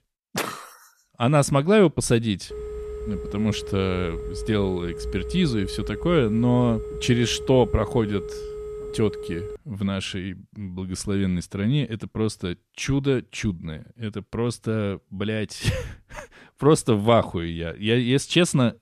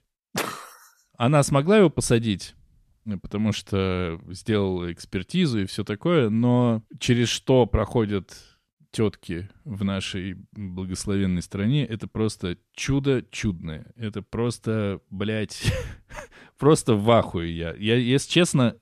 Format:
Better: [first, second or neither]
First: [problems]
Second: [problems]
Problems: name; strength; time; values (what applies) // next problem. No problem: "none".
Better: second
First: phone ringing; noticeable; from 2.5 to 9.5 s; peak 9 dB below the speech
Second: none